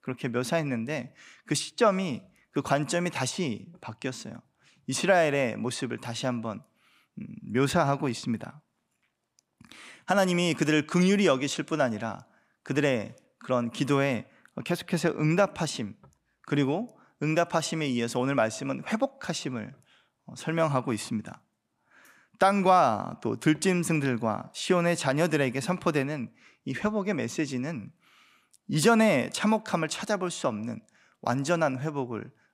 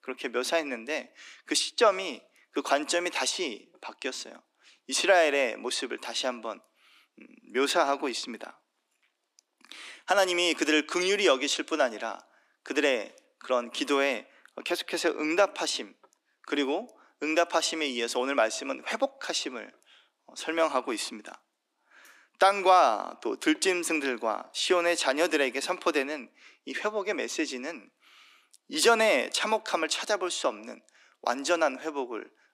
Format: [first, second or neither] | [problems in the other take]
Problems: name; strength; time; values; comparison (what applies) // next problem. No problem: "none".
first | thin; somewhat; fading below 300 Hz